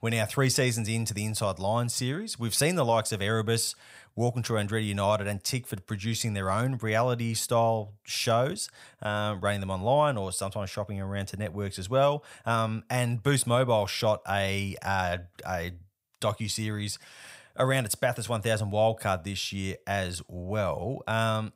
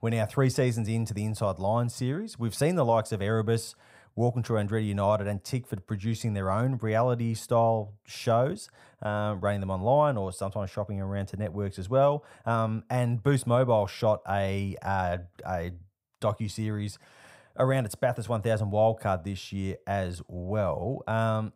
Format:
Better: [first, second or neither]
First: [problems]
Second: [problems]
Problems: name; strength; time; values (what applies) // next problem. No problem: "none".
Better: first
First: none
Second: muffled; slightly; fading above 1.5 kHz